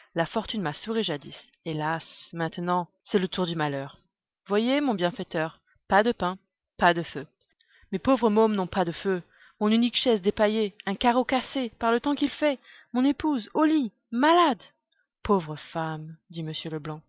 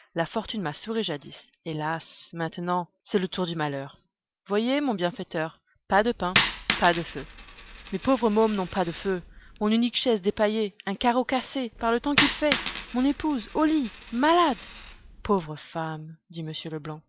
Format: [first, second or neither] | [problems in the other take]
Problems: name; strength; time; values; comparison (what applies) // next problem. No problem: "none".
first | background sound (Coin (dropping)); 6 dB below the speech